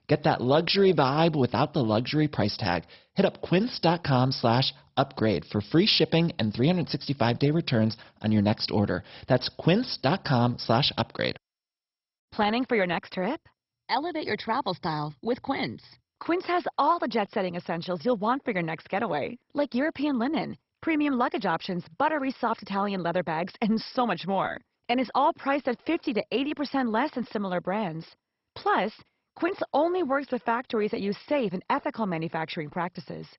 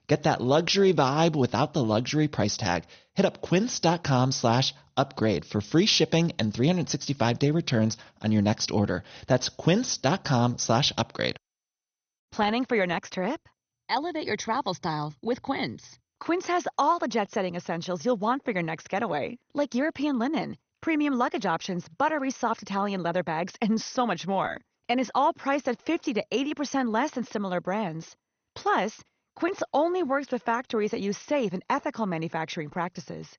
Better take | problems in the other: second | garbled, watery; badly; nothing above 5.5 kHz; slightly in the second

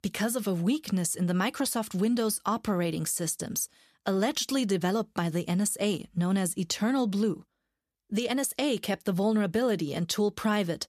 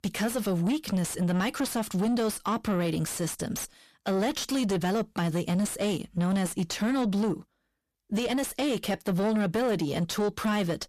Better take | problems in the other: first | distortion; slight; 9 dB below the speech

